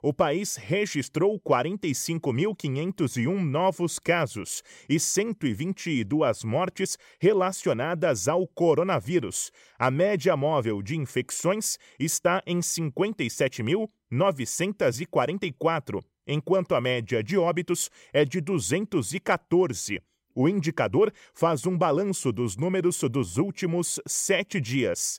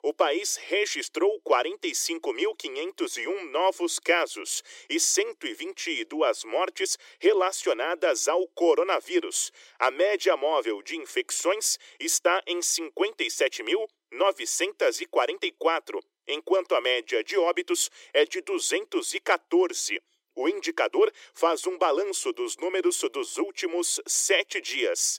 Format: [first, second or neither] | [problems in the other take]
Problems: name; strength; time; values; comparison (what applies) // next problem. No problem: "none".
first | thin; very; fading below 350 Hz